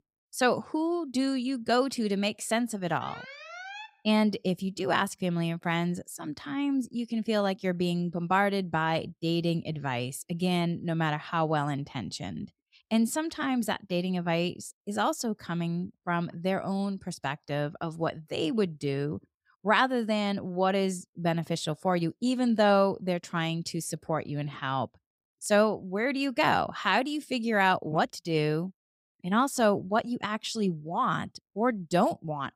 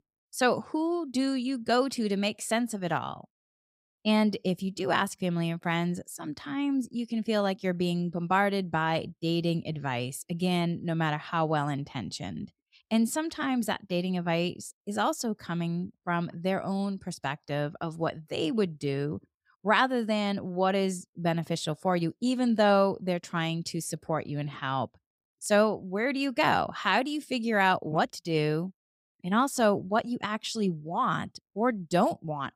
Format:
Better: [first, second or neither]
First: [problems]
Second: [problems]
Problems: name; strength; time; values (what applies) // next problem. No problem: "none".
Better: second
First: alarm; faint; at 3 s; peak 10 dB below the speech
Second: none